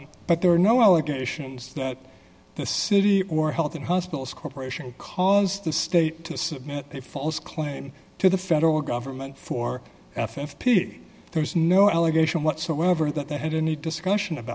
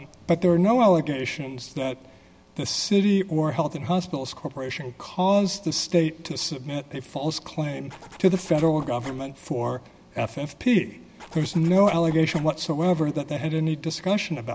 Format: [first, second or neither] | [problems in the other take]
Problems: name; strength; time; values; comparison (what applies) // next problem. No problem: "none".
first | background sound (Zipper (clothing)); 19 dB below the speech